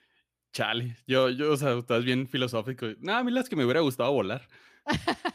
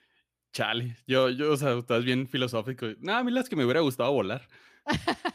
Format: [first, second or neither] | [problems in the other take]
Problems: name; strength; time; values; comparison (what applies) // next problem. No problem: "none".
neither | none